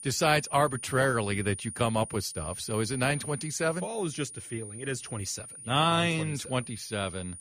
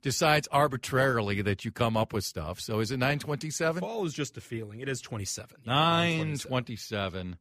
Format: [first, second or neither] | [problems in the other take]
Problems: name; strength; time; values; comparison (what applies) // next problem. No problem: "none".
second | high-pitched whine; noticeable; throughout; 9.5 kHz, 10 dB below the speech